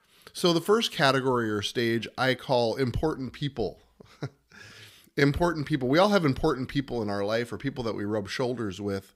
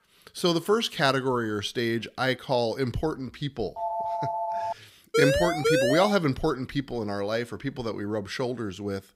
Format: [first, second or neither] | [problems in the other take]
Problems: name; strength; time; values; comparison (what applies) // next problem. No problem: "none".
first | phone ringing; noticeable; at 4 s; peak 2 dB below the speech // siren; loud; from 5 to 6 s; peak 4 dB above the speech